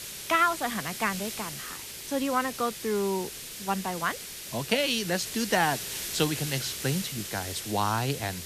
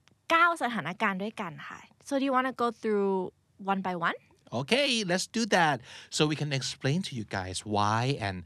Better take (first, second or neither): second